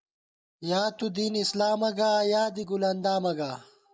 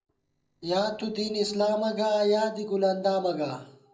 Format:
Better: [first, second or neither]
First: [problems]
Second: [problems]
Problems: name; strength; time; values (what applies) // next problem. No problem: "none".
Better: first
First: none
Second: noise reduction (neural separator model SepFormer DNS4)